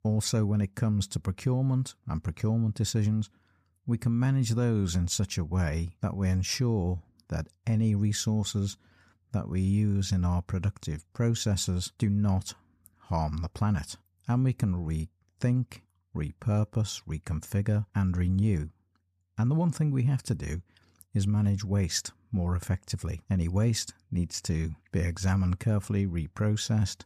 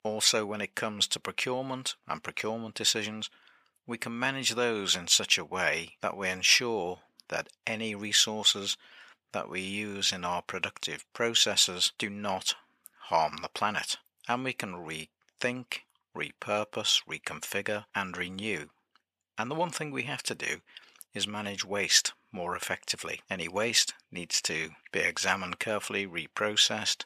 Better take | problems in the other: first | thin; very; fading below 550 Hz

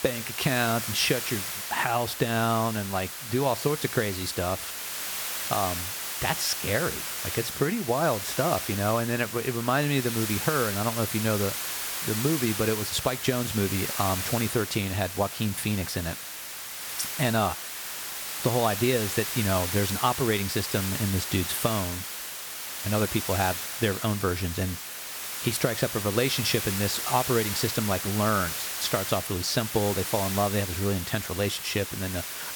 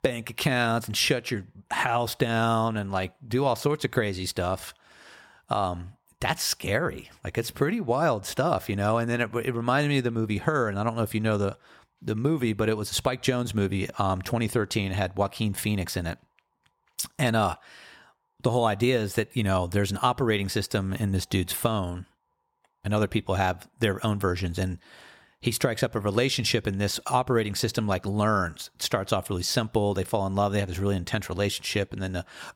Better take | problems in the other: second | hiss; loud; throughout; 4 dB below the speech

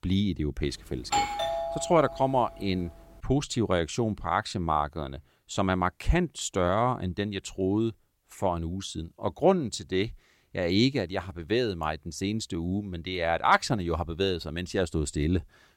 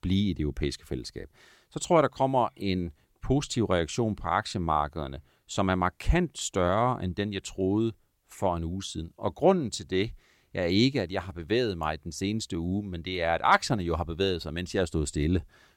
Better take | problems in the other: second | doorbell; loud; from 1 to 2 s; peak 1 dB above the speech

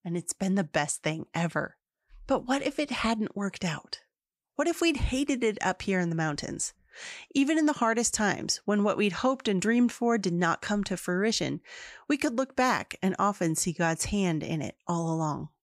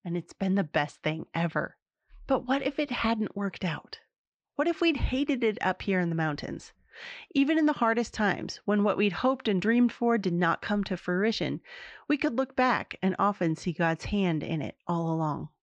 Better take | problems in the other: first | muffled; slightly; fading above 4 kHz

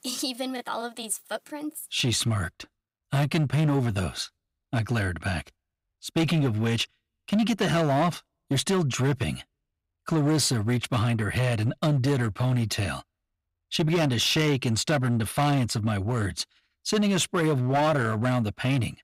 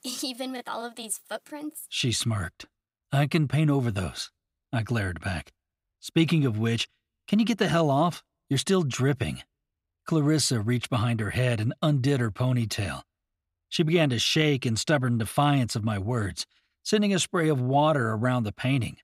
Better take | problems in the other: second | distortion; slight; 10% of the sound clipped

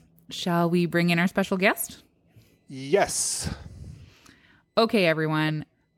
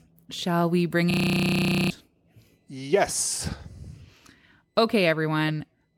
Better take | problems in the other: first | audio freezing; at 1 s for 1 s

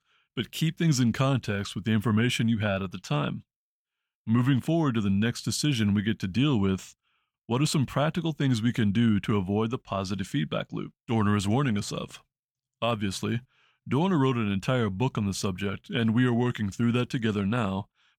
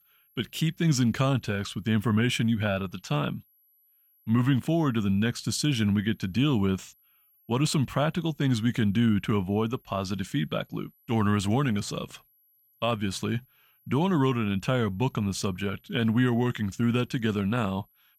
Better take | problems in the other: first | high-pitched whine; faint; throughout; 12 kHz, 35 dB below the speech

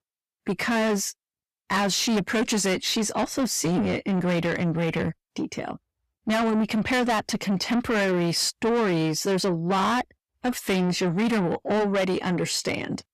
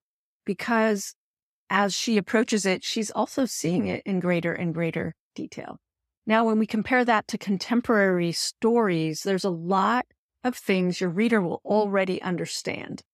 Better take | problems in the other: second | distortion; heavy; 7 dB below the speech

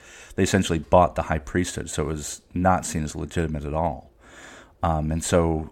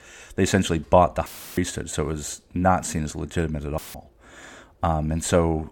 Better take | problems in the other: first | audio cutting out; filled with static; at 1.5 s and at 4 s

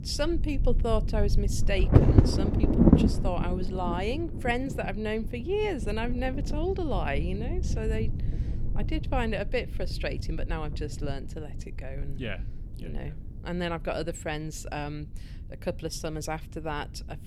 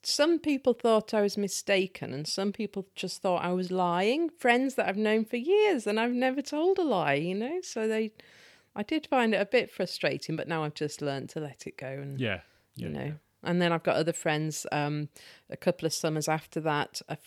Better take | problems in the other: second | wind noise on the microphone; heavy; 2 dB below the speech

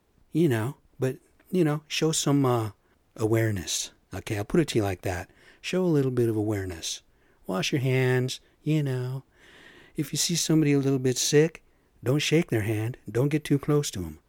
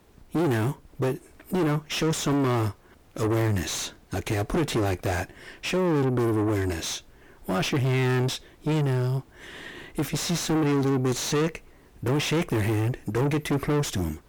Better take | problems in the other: first | distortion; heavy; 5 dB below the speech

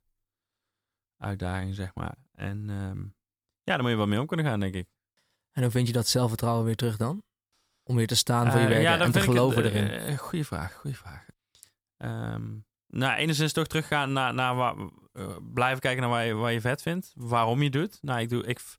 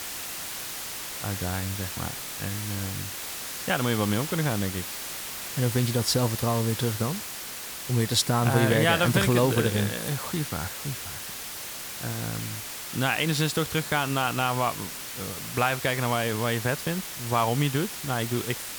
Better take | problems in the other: first | hiss; loud; throughout; 7 dB below the speech

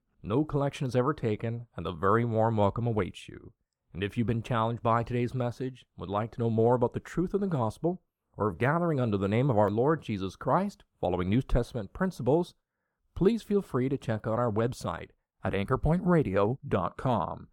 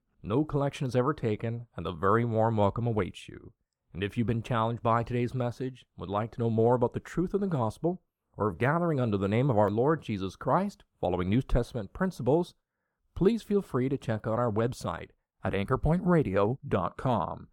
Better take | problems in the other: neither | muffled; slightly; fading above 2 kHz; the same in both

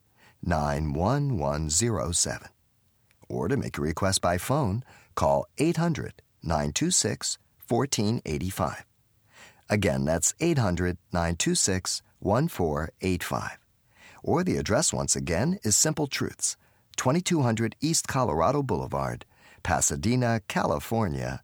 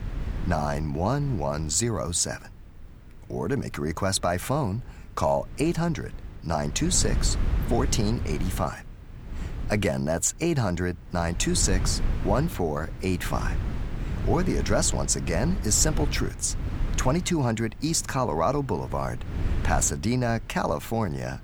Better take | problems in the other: first | wind noise on the microphone; occasional gusts; 15 dB below the speech

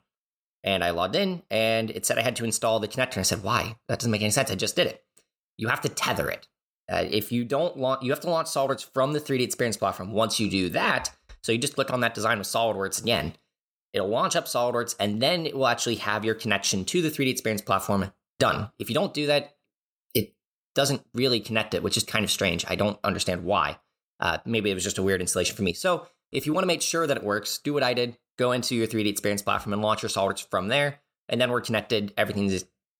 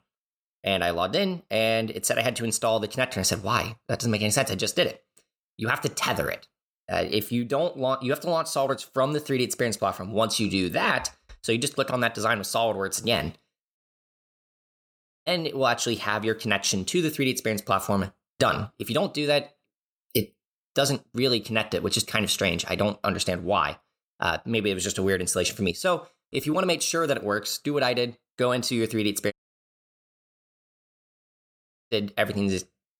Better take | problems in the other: first | audio cutting out; at 14 s for 1.5 s and at 29 s for 2.5 s

